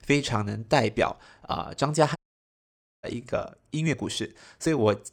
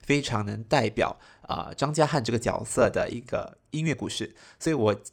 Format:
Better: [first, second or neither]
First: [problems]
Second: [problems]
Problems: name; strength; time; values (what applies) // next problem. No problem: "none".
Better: second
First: audio cutting out; at 2 s for 1 s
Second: none